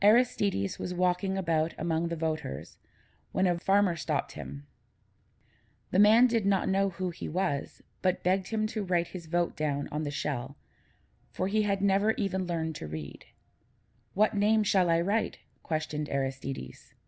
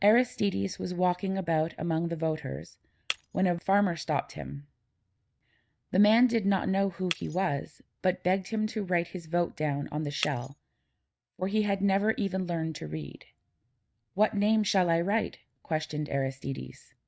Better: first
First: none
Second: noise reduction (neural mask model RNNoise)

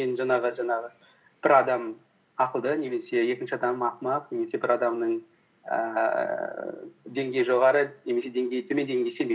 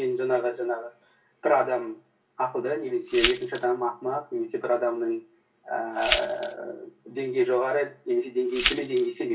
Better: first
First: none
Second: background sound (Glass); 4 dB below the speech // room echo; dies away in 0.2 s

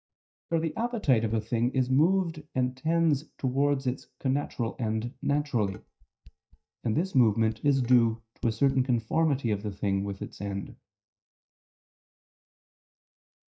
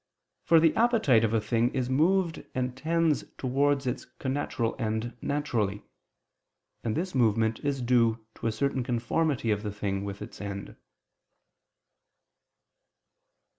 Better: second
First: noise reduction (neural mask model DeepFilterNet 3)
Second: none

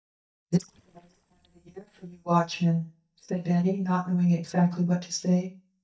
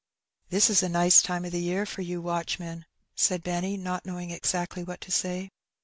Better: second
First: noise reduction (neural mask model DeepFilterNet 3)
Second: none

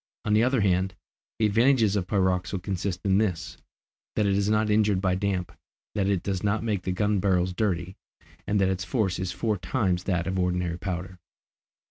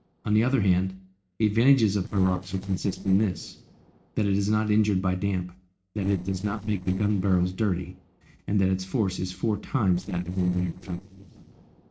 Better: first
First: none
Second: noise reduction (neural separator model SepFormer DNS4)

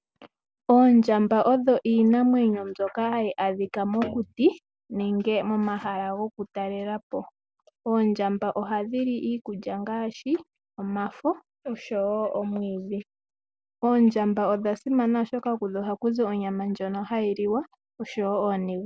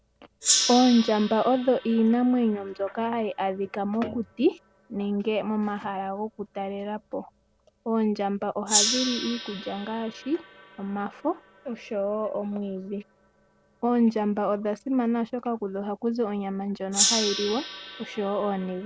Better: first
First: none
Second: background sound (Gong); 7 dB below the speech

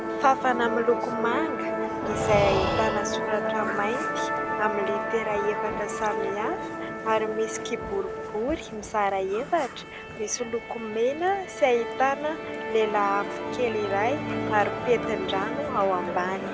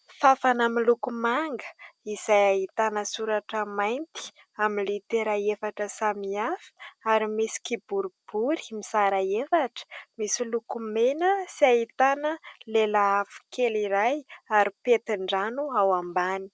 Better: second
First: background sound (Breathing + Musical instrument); 3 dB below the speech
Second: none

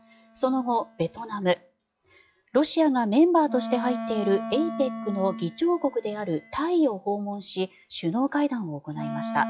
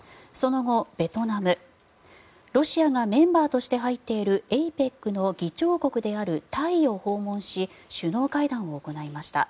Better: second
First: noise reduction (classical method log-MMSE)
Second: none

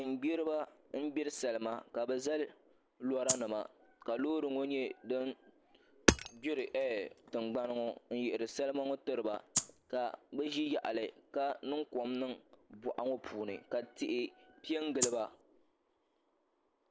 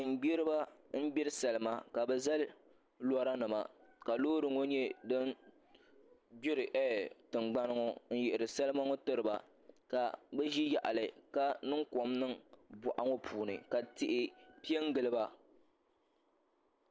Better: second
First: background sound (Rattle (instrument) + Hammer); as loud as the speech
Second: none

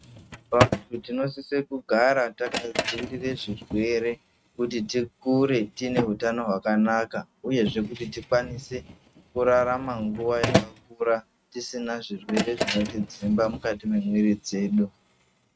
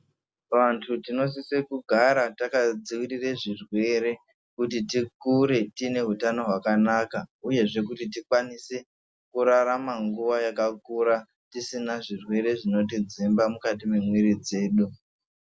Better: second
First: noise reduction (neural mask model RNNoise)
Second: none

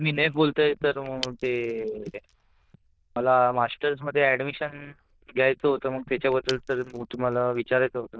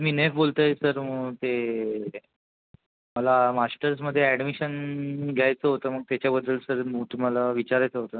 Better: second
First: noise reduction (neural diffusion model UNIVERSE++)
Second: none

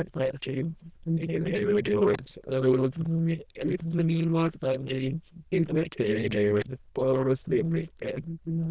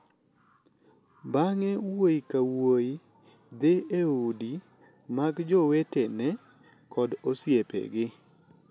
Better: second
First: noise reduction (neural diffusion model UNIVERSE++)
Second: none

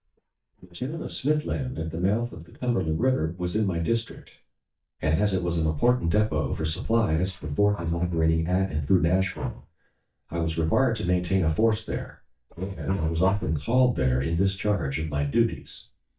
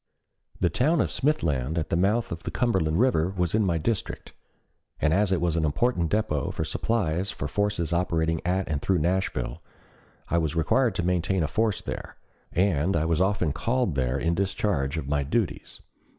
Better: second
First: noise reduction (neural mask model DeepFilterNet 3)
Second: none

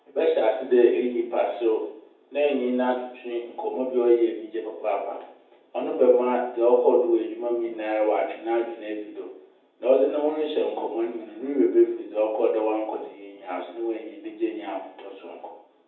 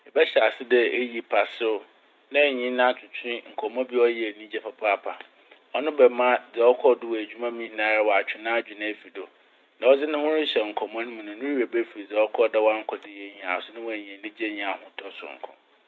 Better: second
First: room echo; dies away in 0.7 s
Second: none

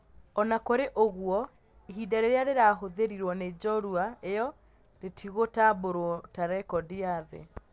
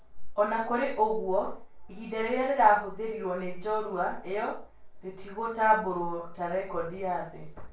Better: first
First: none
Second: room echo; dies away in 0.3 s

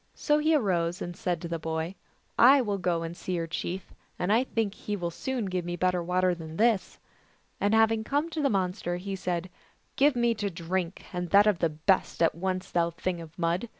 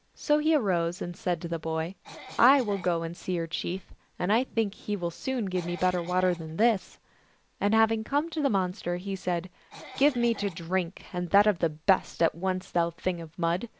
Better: first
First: none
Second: background sound (Cough); 17 dB below the speech

